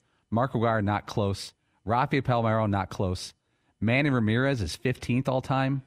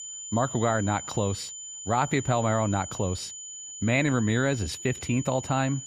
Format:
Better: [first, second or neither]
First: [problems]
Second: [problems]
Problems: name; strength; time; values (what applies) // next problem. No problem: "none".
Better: first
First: none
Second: high-pitched whine; loud; throughout; 7 kHz, 10 dB below the speech